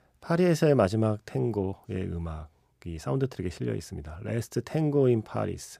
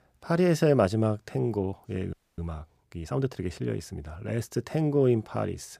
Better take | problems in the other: first | audio freezing; at 2 s

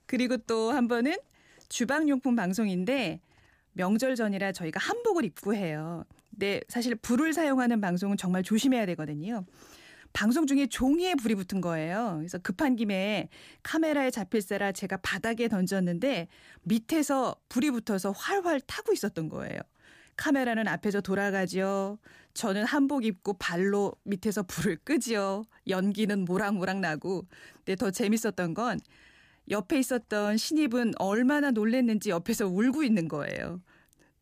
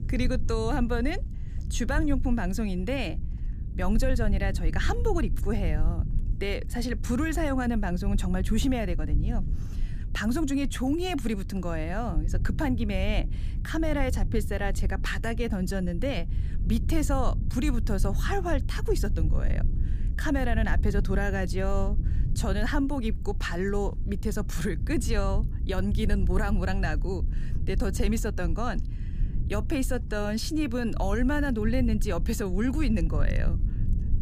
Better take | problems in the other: first | low rumble; noticeable; throughout; 15 dB below the speech

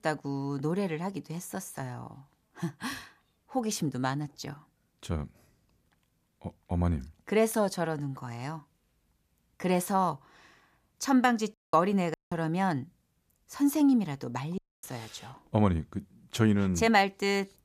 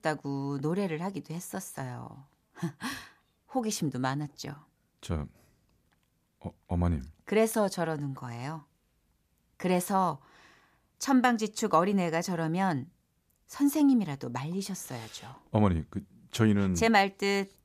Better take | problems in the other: second | audio cutting out; at 12 s and at 15 s

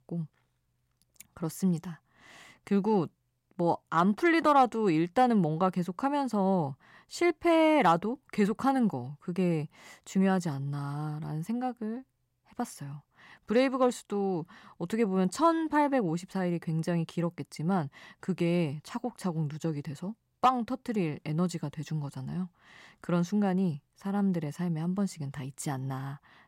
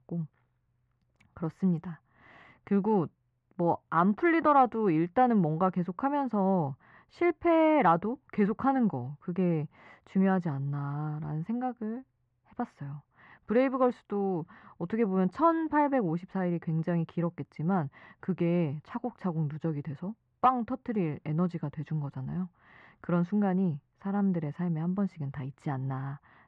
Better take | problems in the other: first | muffled; very; fading above 1.5 kHz

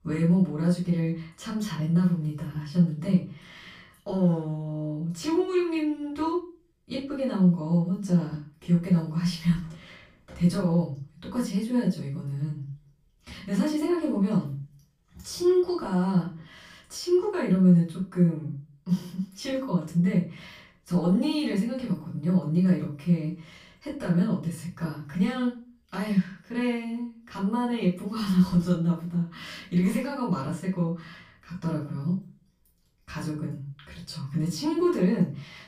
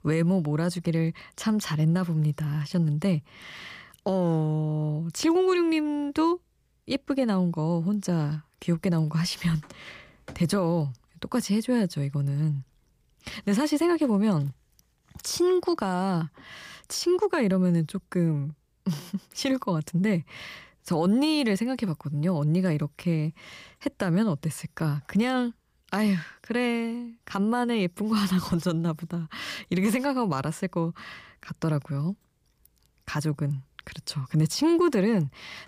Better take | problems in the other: second | off-mic speech; far // room echo; slight; dies away in 0.3 s

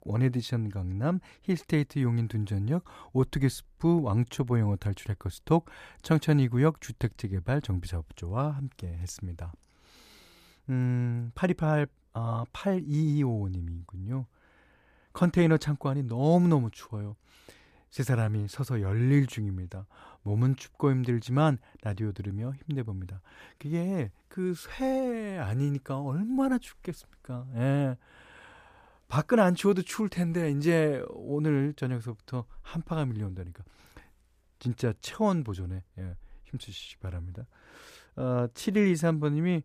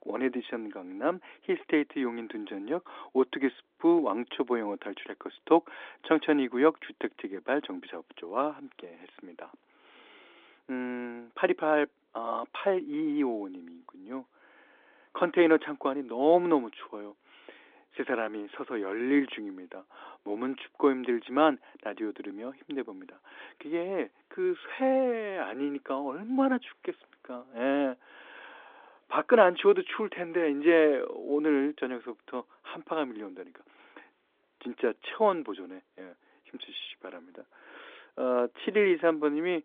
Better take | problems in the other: first | phone-call audio; nothing above 3.5 kHz

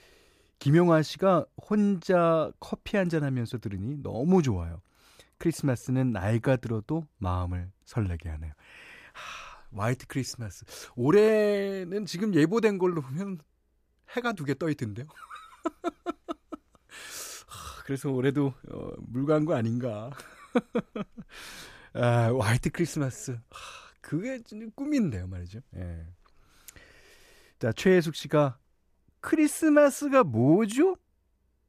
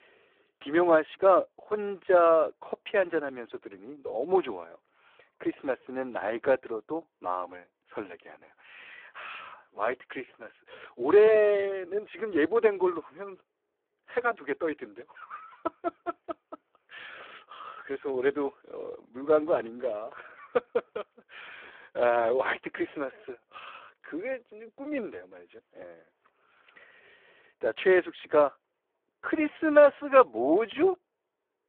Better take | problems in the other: first | phone-call audio; poor line

